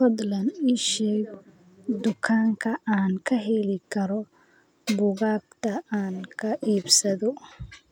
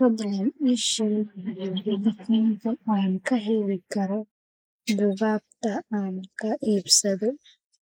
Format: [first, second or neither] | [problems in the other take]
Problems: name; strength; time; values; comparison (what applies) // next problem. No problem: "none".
first | noise reduction (neural mask model Resemble Enhance denoiser)